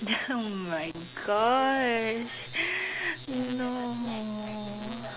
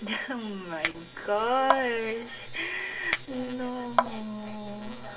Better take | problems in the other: first | background sound (Chink, clink); 3 dB below the speech // room echo; dies away in 0.1 s

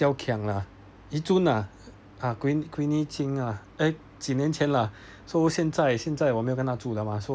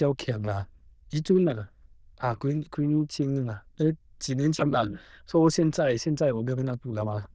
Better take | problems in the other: first | noise reduction (neural diffusion model UNIVERSE++)

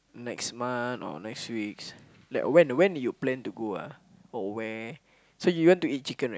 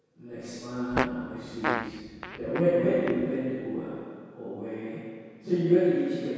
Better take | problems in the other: first | background sound (Fart); 7 dB below the speech // room echo; dies away in 2 s

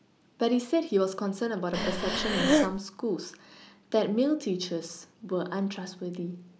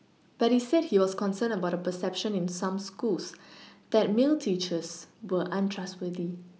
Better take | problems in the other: second | background sound (Breathing); 4 dB above the speech

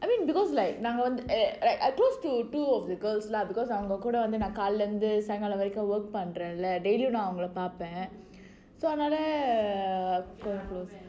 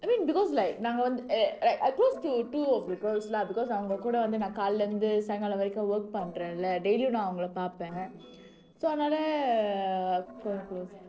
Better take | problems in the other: first | noise reduction (neural separator model SepFormer DNS4)

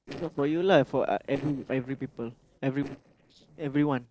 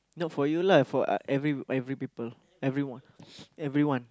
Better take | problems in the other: second | noise reduction (neural separator model SepFormer DNS4)

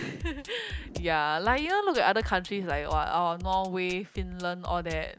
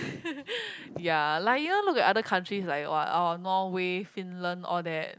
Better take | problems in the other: second | background sound (Drum kit); 11 dB below the speech

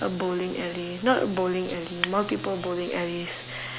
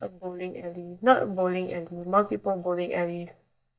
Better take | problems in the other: first | noise reduction (neural mask model DeepFilterNet 3)

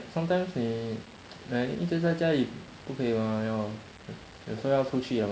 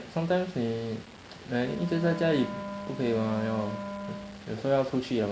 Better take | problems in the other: first | background sound (Wind instrument, woodwind instrument); 10 dB below the speech

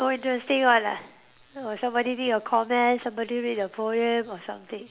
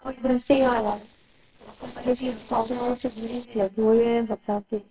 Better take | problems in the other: first | noise reduction (neural separator model SepFormer WHAMR!)

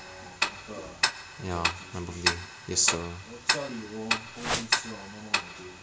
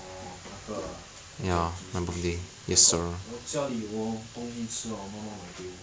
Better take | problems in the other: second | background sound (Whoosh, swoosh, swish + Tick-tock); 3 dB above the speech

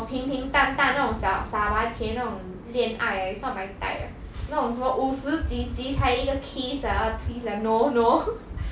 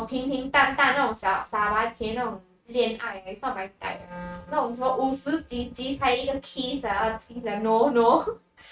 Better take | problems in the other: first | noise reduction (neural mask model RNNoise)

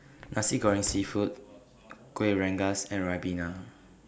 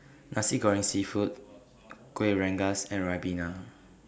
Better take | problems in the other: second | background sound (Walk, footsteps); 15 dB below the speech

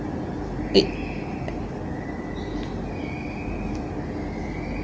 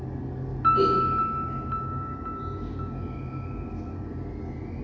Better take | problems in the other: first | background sound (Piano); 1 dB above the speech // room echo; dies away in 1.3 s

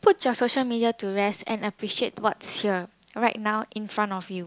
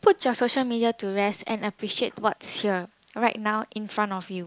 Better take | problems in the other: first | noise reduction (neural mask model Resemble Enhance denoiser)

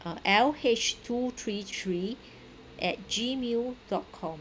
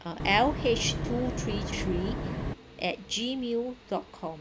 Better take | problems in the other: first | background sound (Wind); 2 dB below the speech

